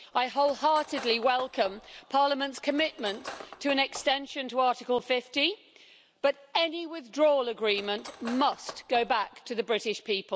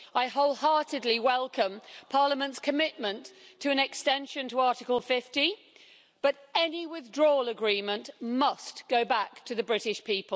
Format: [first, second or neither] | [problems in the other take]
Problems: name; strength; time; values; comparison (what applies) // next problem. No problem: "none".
second | background sound (Cutlery, silverware); 17 dB below the speech